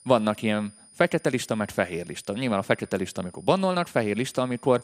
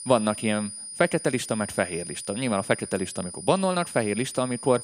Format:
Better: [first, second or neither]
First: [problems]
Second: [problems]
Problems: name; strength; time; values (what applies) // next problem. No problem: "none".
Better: first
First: high-pitched whine; faint; throughout; 9.5 kHz, 25 dB below the speech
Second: high-pitched whine; loud; throughout; 9.5 kHz, 10 dB below the speech